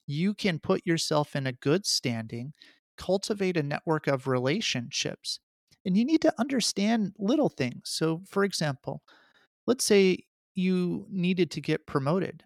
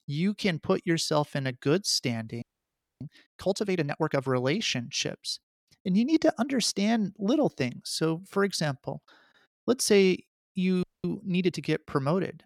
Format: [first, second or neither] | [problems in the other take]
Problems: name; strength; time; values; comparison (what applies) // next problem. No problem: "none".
first | audio freezing; at 2.5 s for 0.5 s and at 11 s